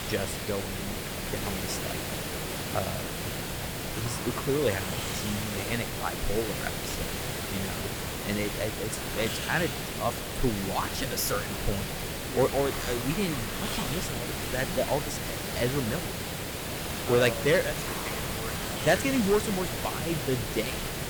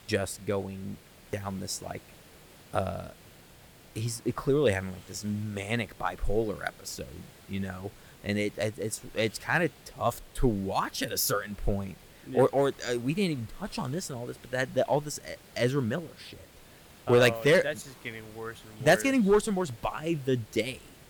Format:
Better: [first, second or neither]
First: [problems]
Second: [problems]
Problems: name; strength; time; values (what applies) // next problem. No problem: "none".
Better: second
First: hiss; loud; throughout; 1 dB below the speech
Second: hiss; faint; throughout; 25 dB below the speech